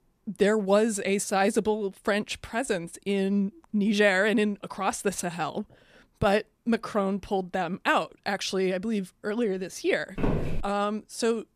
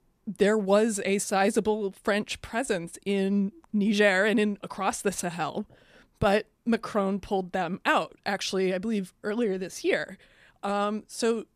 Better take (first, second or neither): second